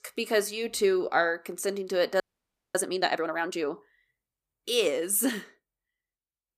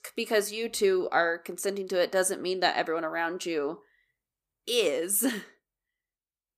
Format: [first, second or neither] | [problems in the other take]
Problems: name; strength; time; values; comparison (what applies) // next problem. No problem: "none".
second | audio freezing; at 2 s for 0.5 s